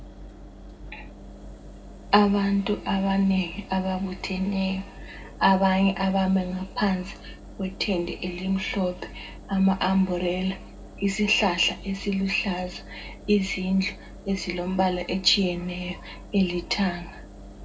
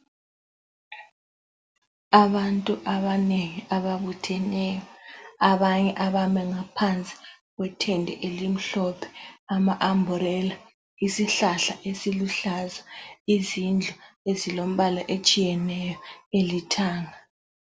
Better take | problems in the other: second | background sound (Engine); 15 dB below the speech // room echo; dies away in 0.2 s

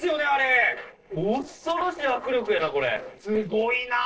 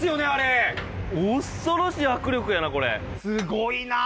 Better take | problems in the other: second | noise reduction (neural separator model SepFormer DNS4)

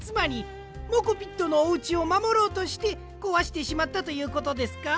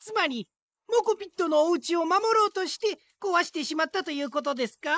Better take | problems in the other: first | noise reduction (neural mask model Resemble Enhance denoiser)

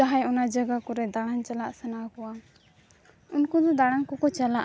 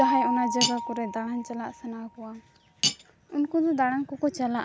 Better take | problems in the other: first | background sound (Mallet percussion + Cutlery, silverware); 3 dB below the speech

